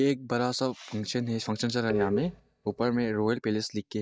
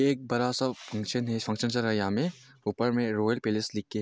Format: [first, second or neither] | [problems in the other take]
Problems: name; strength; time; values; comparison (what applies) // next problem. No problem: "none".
second | noise reduction (neural mask model DeepFilterNet 3)